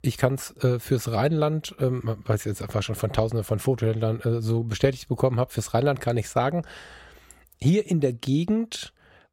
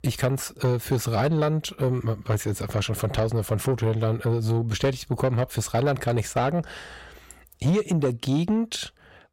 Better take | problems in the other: first | distortion; slight; 10 dB below the speech

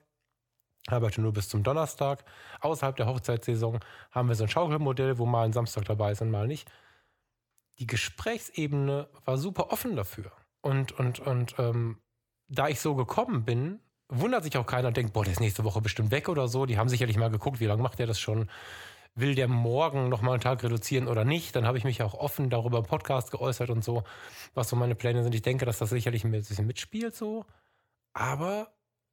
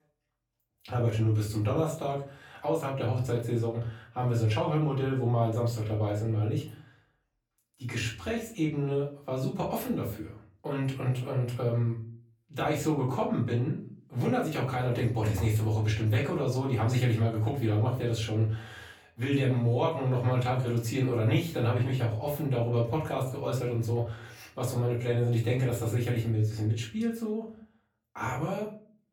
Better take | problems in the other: first | off-mic speech; far // room echo; slight; dies away in 0.4 s

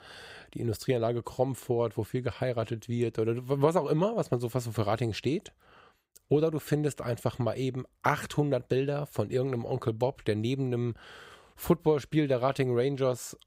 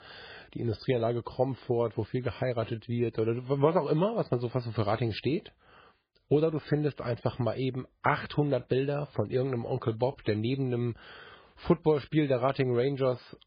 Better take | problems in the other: first | garbled, watery; badly; nothing above 4 kHz

